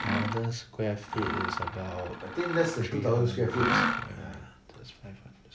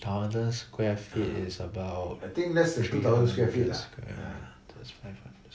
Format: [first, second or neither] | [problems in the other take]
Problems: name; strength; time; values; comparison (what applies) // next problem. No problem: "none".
second | background sound (Mechanisms); 3 dB below the speech